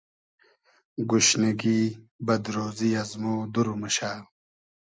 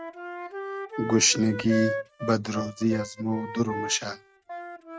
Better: first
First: none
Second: noise reduction (neural mask model RNNoise)

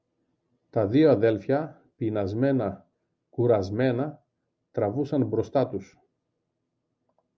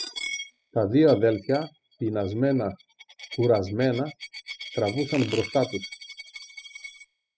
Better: first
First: none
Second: noise reduction (classical method spectral subtraction)

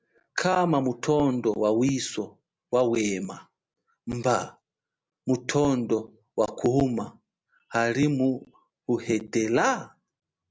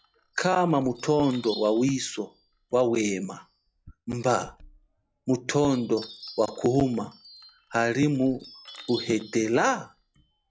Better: first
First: none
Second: noise reduction (classical method log-MMSE)

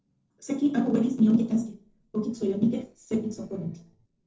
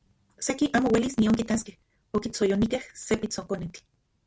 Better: second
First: noise reduction (neural separator model SepFormer DNS4)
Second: none

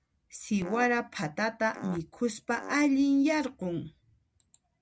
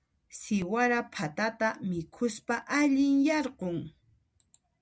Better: second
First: background sound (Fart); 12 dB below the speech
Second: none

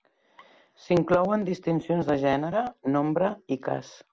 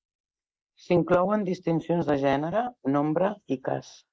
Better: first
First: none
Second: noise reduction (neural mask model Resemble Enhance denoiser)

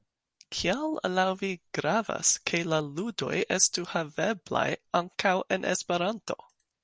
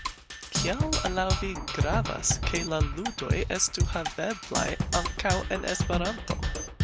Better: first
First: none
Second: background sound (Percussion); 1 dB above the speech

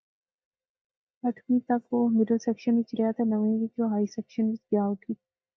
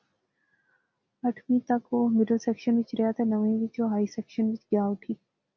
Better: second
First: noise reduction (neural mask model DeepFilterNet 3)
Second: none

